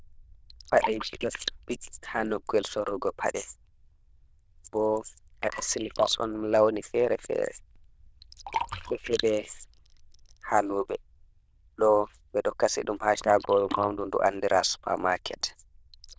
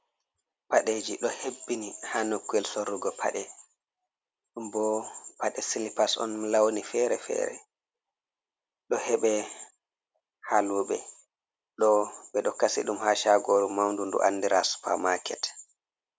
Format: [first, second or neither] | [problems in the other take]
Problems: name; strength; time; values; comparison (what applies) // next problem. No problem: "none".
second | noise reduction (neural diffusion model UNIVERSE++)